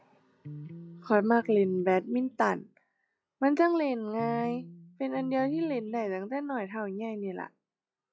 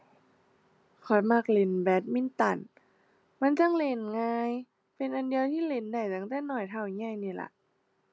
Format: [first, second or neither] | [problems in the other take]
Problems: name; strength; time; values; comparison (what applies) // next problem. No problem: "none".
second | noise reduction (classical method log-MMSE)